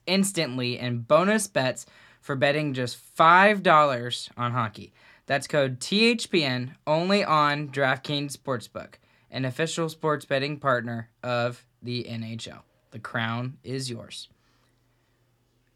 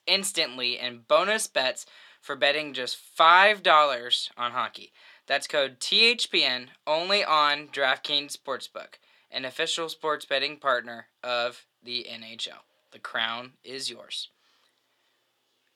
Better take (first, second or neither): first